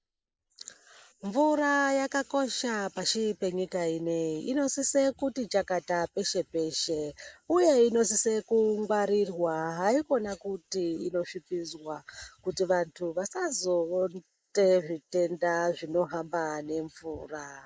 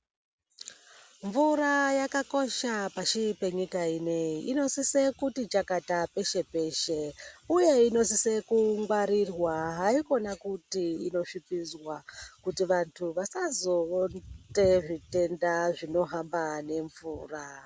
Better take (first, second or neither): second